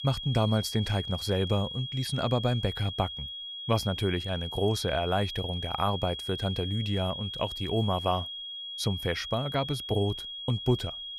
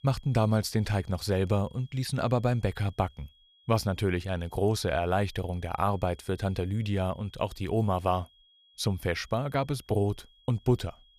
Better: second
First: high-pitched whine; loud; throughout; 3.5 kHz, 6 dB below the speech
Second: high-pitched whine; faint; throughout; 3.5 kHz, 30 dB below the speech

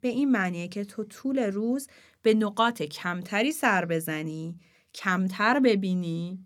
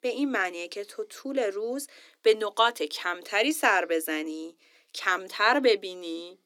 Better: first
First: none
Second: thin; somewhat; fading below 300 Hz

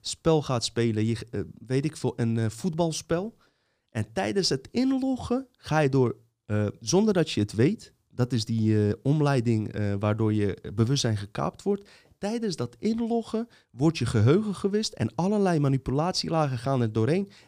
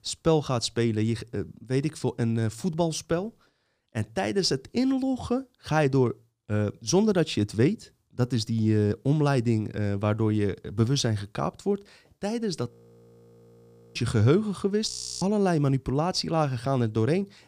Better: first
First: none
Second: audio freezing; at 13 s for 1 s and at 15 s

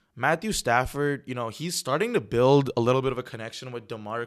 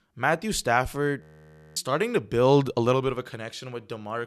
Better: first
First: none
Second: audio freezing; at 1 s for 0.5 s

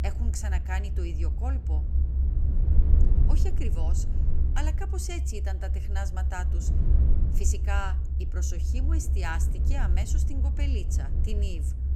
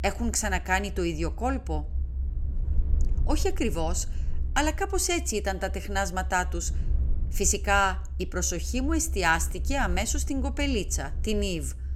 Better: second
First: low rumble; loud; throughout; 6 dB below the speech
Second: low rumble; faint; throughout; 25 dB below the speech

